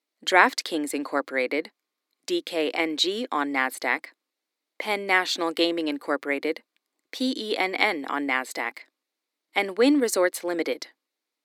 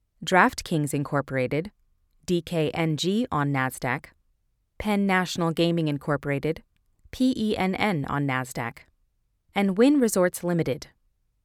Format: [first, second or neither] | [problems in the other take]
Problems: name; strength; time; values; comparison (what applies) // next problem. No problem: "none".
second | thin; very slightly; fading below 300 Hz